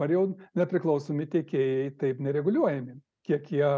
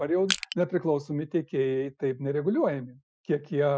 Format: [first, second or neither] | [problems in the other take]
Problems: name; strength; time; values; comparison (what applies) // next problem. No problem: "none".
first | noise reduction (classical method Wiener filter)